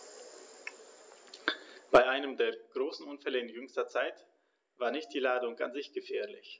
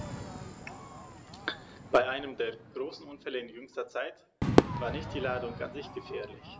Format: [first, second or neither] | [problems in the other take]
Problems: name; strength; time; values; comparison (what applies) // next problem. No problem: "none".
first | background sound (Crowd / Fireworks); 1 dB above the speech